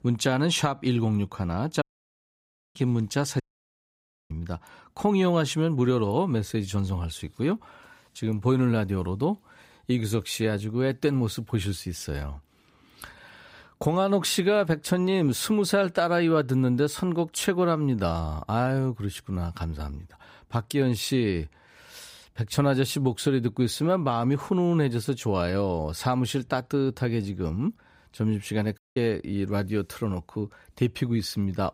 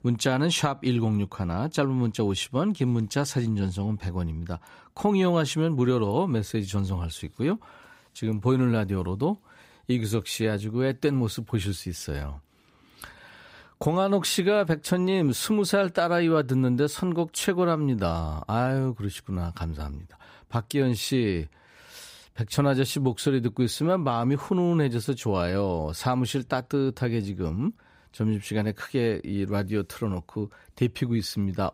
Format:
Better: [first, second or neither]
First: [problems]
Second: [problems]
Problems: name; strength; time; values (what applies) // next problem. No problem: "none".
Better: second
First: audio cutting out; at 2 s for 1 s, at 3.5 s for 1 s and at 29 s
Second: none